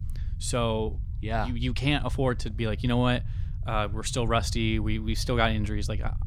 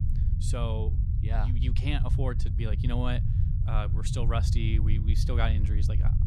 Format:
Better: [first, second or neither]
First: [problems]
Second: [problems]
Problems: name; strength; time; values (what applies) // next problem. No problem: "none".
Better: first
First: low rumble; faint; throughout; 20 dB below the speech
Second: low rumble; loud; throughout; 6 dB below the speech